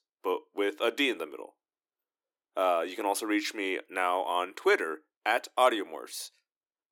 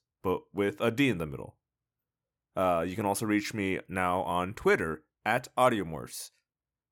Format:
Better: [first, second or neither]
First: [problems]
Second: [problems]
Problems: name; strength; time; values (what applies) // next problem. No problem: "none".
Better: second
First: thin; somewhat; fading below 300 Hz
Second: none